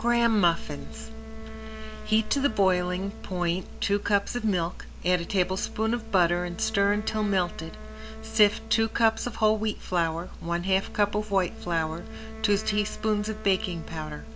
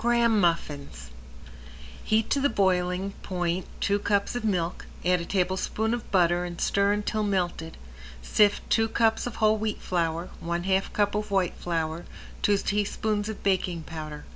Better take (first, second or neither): second